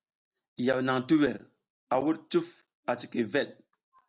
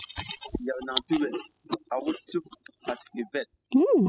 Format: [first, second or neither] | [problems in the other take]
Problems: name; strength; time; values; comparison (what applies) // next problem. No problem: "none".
first | noise reduction (classical method spectral subtraction)